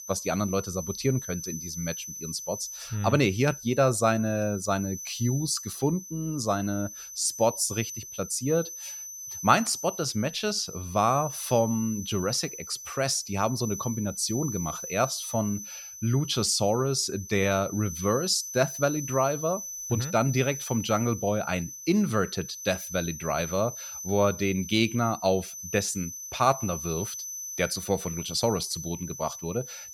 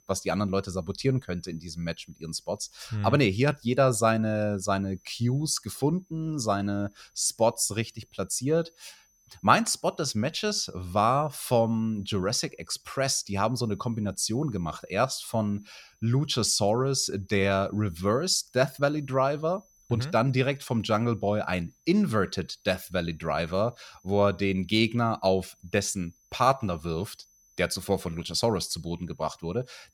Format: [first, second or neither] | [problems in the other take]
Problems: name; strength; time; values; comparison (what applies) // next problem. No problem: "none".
second | high-pitched whine; loud; throughout; 6 kHz, 9 dB below the speech; faint in the second